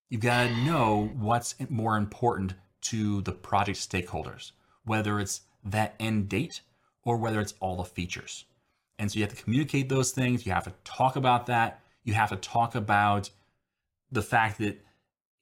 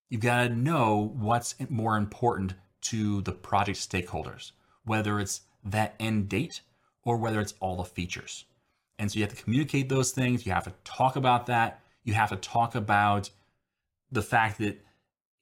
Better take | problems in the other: second | clattering dishes; noticeable; at 0.5 s; peak 6 dB below the speech

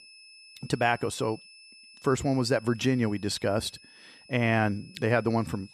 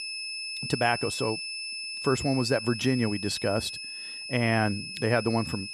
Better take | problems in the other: first | high-pitched whine; loud; throughout; 2.5 kHz, 6 dB below the speech; faint in the first

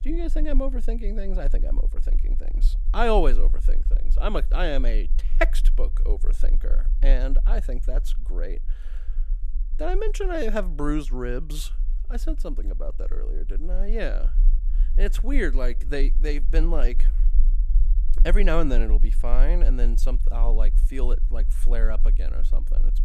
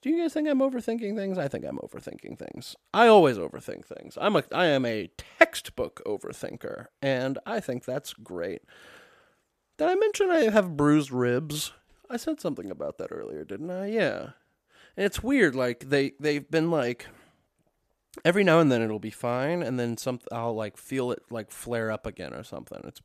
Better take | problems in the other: second | low rumble; faint; throughout; 20 dB below the speech

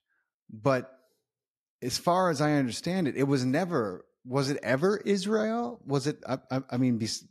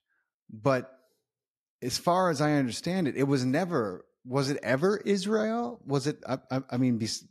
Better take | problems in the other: neither | none

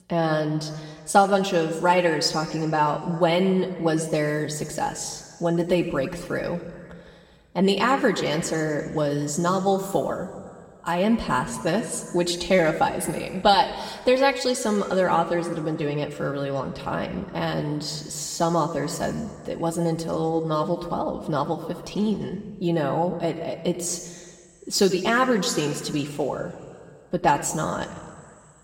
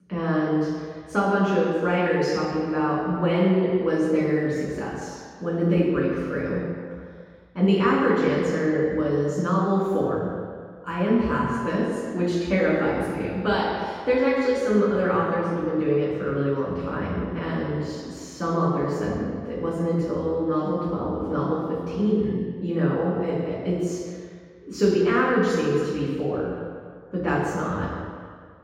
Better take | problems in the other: first | room echo; strong; dies away in 1.9 s; slight in the first // off-mic speech; far

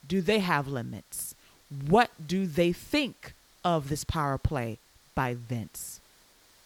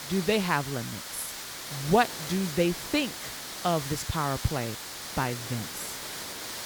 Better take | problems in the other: first | hiss; loud; throughout; 6 dB below the speech; faint in the first

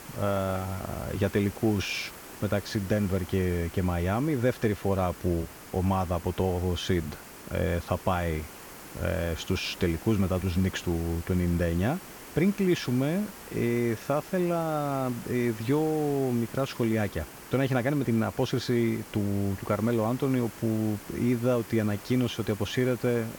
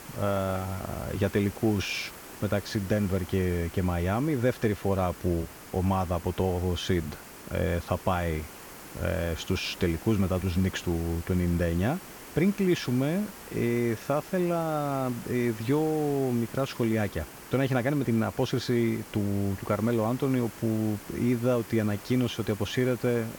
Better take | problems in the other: neither | hiss; noticeable; throughout; 15 dB below the speech; the same in both

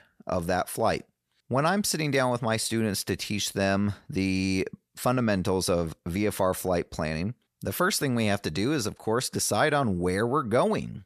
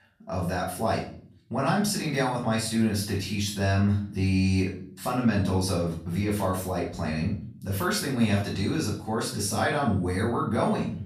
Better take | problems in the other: first | room echo; slight; dies away in 0.5 s // off-mic speech; far

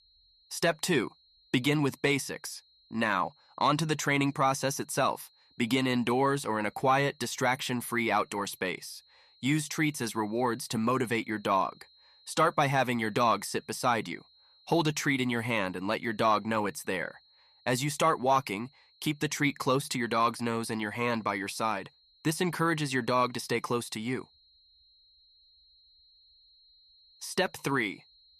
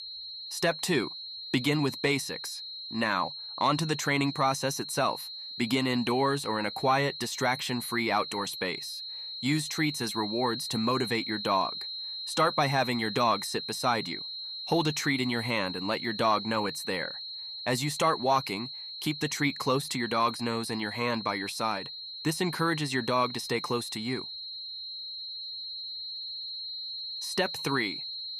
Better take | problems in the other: first | high-pitched whine; loud; throughout; 4 kHz, 7 dB below the speech; faint in the first

